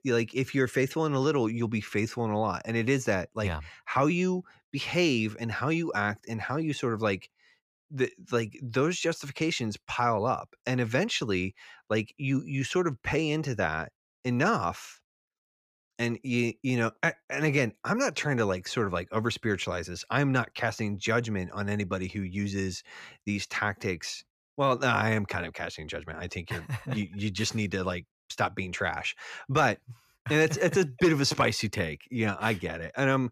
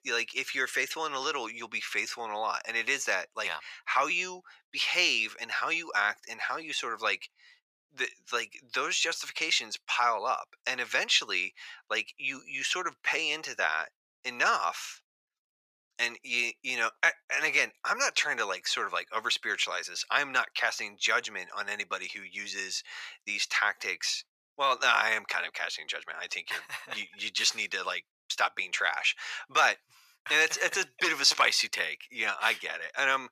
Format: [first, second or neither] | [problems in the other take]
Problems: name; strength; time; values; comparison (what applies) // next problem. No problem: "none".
first | thin; very; fading below 950 Hz